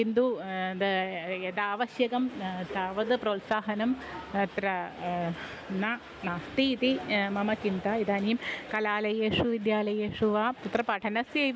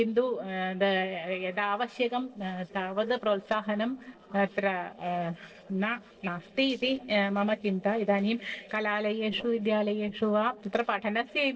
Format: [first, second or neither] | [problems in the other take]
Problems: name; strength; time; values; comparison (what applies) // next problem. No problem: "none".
first | noise reduction (neural separator model SepFormer DNS4)